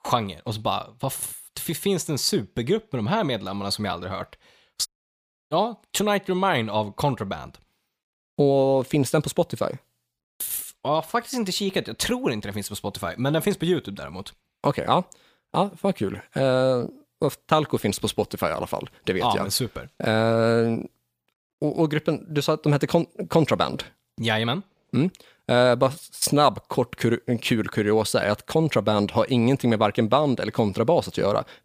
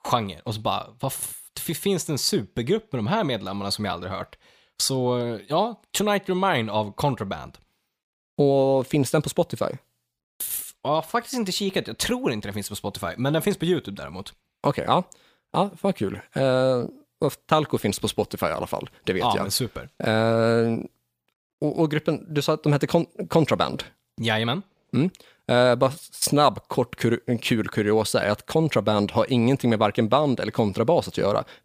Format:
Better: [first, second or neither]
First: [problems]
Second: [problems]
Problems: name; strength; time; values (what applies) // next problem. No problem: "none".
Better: second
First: audio cutting out; at 5 s for 0.5 s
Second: none